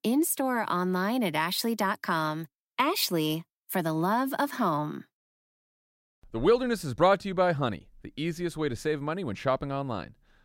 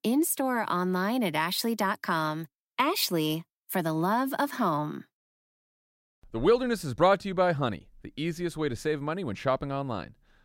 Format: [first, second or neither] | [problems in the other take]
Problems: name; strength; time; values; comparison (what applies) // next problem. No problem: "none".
neither | none